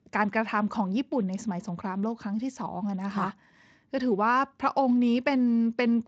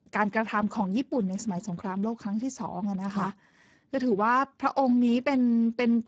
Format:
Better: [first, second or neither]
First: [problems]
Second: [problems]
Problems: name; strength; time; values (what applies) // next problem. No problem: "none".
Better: first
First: garbled, watery; slightly; nothing above 7.5 kHz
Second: garbled, watery; badly; nothing above 7.5 kHz